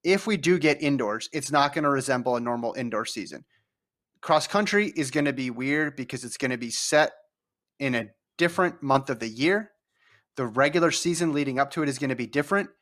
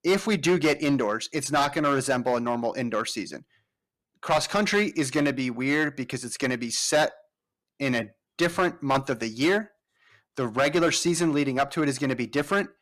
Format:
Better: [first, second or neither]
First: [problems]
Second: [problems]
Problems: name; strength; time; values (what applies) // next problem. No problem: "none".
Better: first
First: none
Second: distortion; slight; 4% of the sound clipped